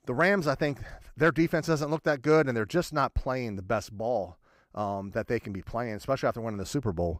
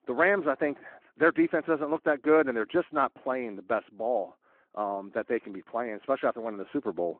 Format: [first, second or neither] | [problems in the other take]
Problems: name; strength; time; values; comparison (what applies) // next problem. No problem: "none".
first | phone-call audio